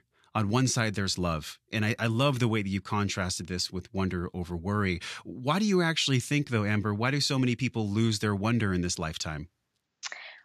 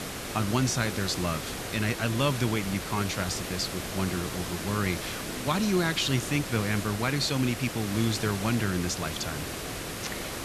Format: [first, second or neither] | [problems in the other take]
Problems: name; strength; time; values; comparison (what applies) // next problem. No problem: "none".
first | hiss; loud; throughout; 5 dB below the speech